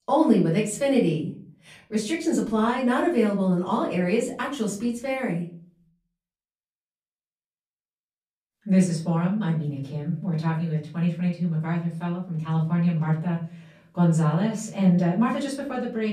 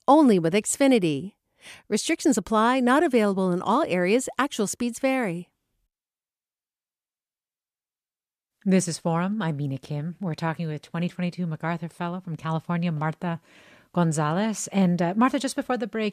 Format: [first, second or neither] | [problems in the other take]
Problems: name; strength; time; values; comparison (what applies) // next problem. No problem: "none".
second | off-mic speech; far // room echo; slight; dies away in 0.5 s